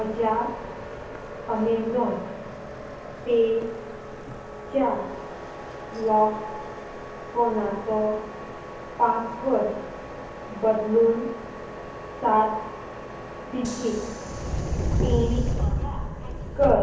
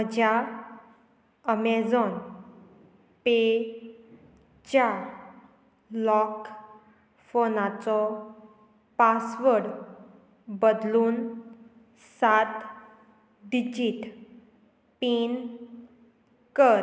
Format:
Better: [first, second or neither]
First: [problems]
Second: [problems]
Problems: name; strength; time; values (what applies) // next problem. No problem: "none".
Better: second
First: background sound (Subway, metro, underground); 5 dB below the speech // room echo; dies away in 0.6 s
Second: none